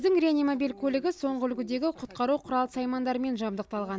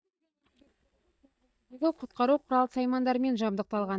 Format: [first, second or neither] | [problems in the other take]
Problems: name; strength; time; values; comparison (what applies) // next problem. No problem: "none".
first | noise reduction (neural mask model DeepFilterNet 3)